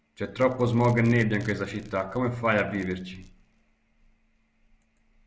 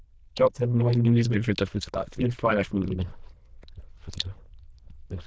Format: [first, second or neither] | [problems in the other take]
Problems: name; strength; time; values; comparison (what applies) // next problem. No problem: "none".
first | noise reduction (neural diffusion model UNIVERSE++)